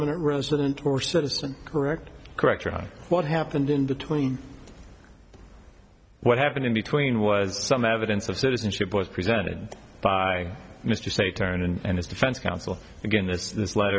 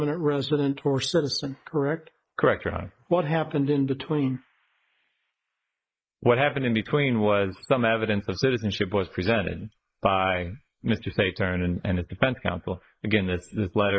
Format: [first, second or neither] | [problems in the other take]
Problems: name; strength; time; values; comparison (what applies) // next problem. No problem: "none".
first | noise reduction (neural mask model Resemble Enhance denoiser)